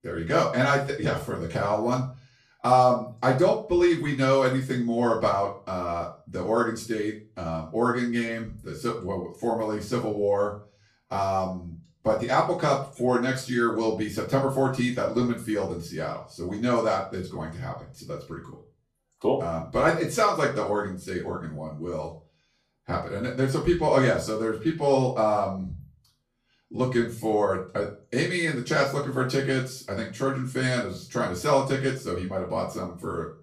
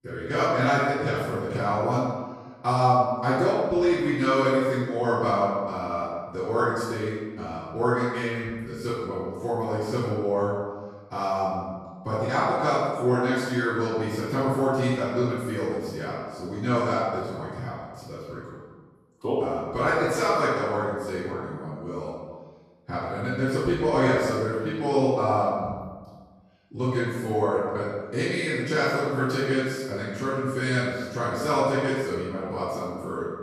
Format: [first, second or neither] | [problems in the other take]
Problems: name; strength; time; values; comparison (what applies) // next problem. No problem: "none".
first | room echo; strong; dies away in 1.2 s; slight in the first // off-mic speech; far; far in the first